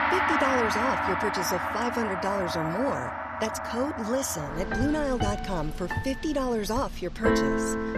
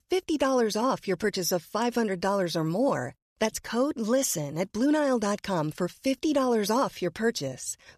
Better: second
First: background music; very loud; throughout; 1 dB above the speech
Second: none

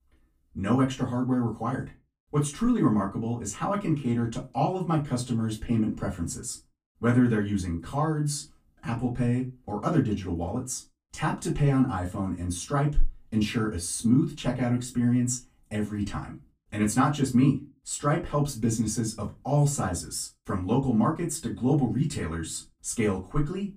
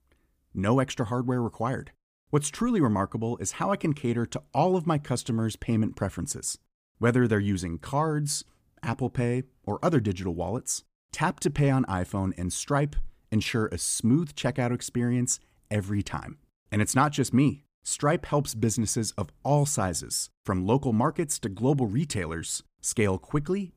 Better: second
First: off-mic speech; far // room echo; very slight; dies away in 0.2 s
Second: none

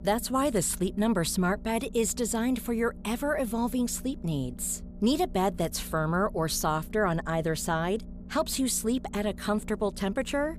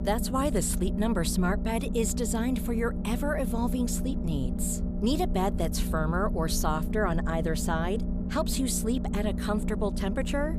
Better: first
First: low rumble; faint; throughout; 25 dB below the speech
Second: low rumble; loud; throughout; 9 dB below the speech

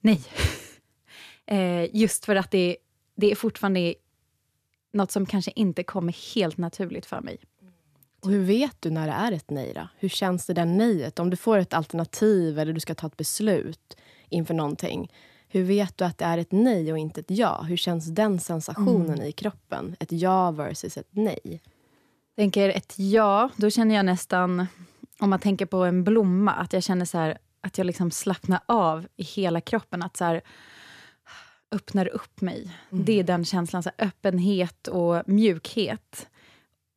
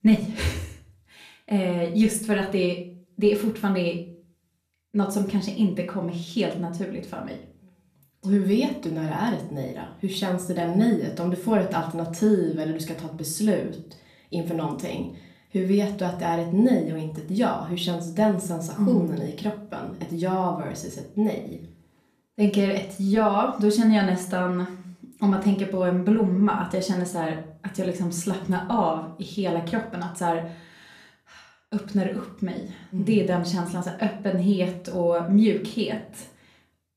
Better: first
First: none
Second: off-mic speech; far // room echo; slight; dies away in 0.4 s

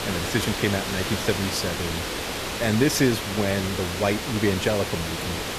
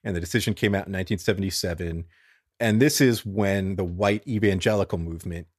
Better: second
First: hiss; loud; throughout; 3 dB below the speech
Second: none

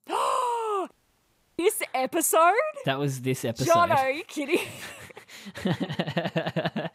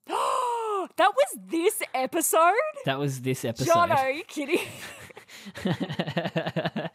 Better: second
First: audio cutting out; at 1 s for 0.5 s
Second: none

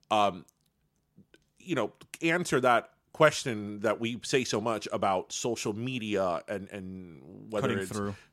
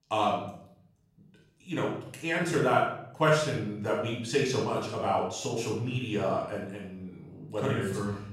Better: first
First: none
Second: off-mic speech; far // room echo; noticeable; dies away in 0.7 s

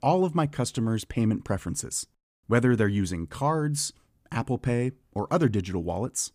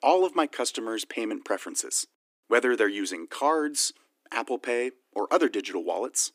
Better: first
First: none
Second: thin; somewhat; fading below 300 Hz

